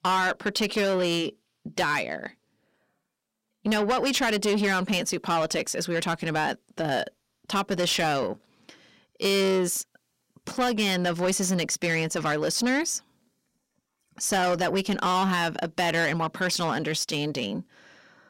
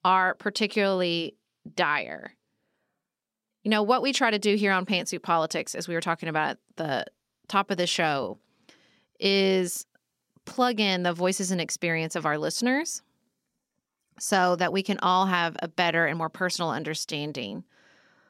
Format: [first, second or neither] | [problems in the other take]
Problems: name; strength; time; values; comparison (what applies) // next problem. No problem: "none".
second | distortion; heavy; 8 dB below the speech